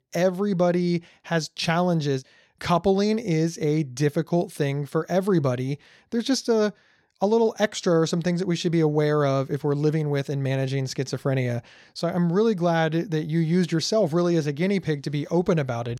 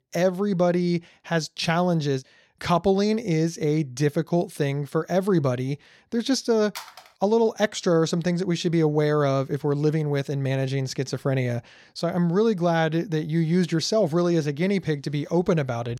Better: first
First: none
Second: phone ringing; faint; at 7 s; peak 15 dB below the speech

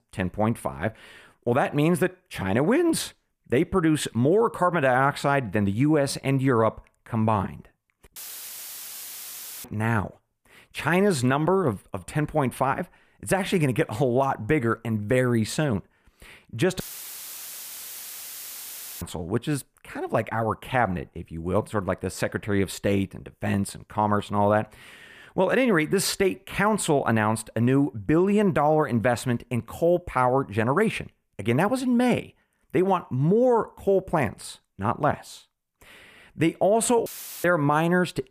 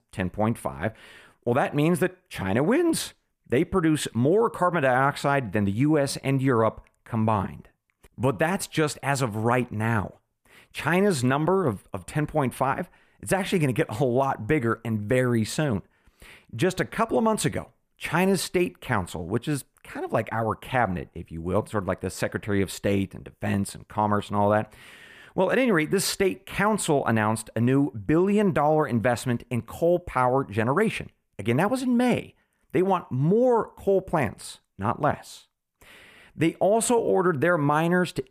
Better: second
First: audio cutting out; filled with static; at 8 s for 1.5 s, at 17 s for 2 s and at 37 s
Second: none

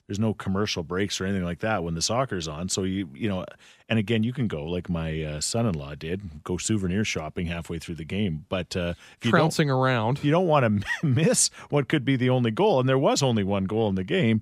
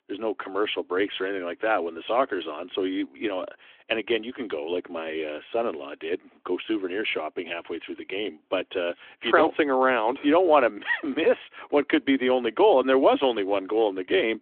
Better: first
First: none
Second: phone-call audio

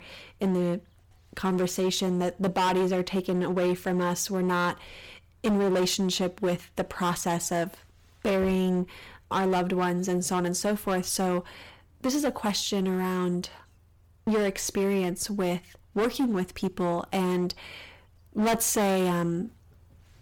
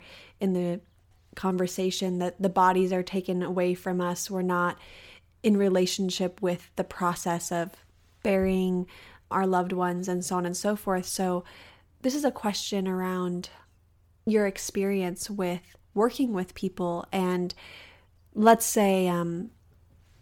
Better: second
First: distortion; heavy; 12% of the sound clipped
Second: none

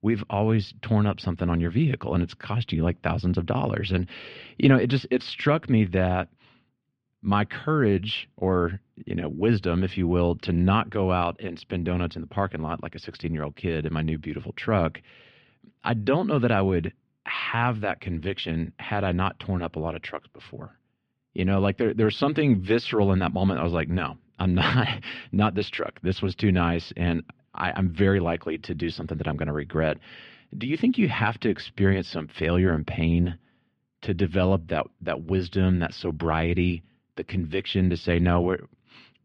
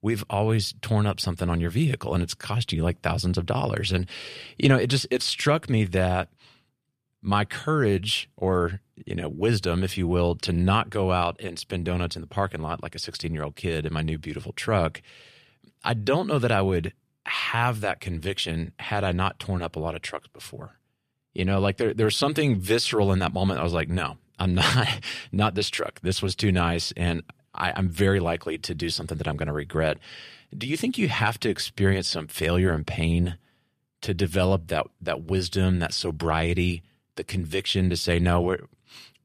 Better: second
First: muffled; slightly; fading above 3 kHz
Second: none

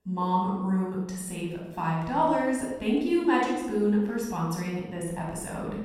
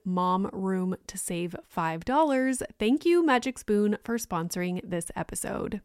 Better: second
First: off-mic speech; far // room echo; noticeable; dies away in 1.1 s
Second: none

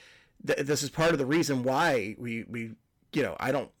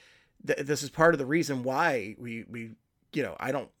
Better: second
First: distortion; heavy; 6% of the sound clipped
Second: none

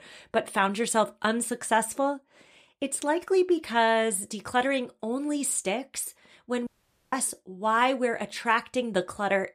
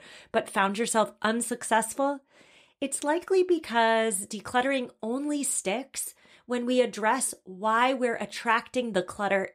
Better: second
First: audio cutting out; at 6.5 s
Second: none

